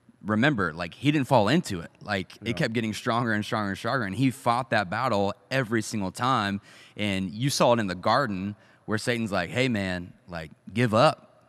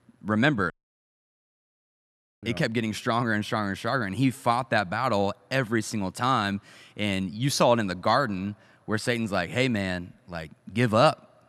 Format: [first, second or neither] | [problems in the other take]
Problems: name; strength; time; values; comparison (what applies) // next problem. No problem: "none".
first | audio cutting out; at 0.5 s for 1.5 s